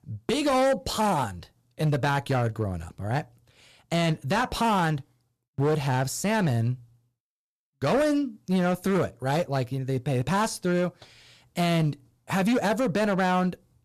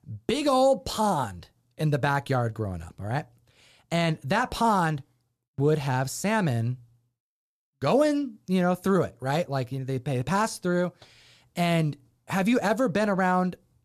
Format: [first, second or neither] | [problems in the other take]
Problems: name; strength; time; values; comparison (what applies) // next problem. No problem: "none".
second | distortion; slight; 9% of the sound clipped